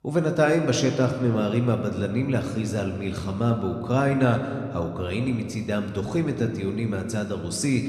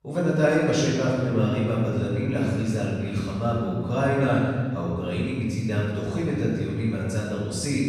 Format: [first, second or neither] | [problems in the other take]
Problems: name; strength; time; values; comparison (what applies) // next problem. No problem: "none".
first | room echo; strong; dies away in 1.7 s; slight in the first // off-mic speech; far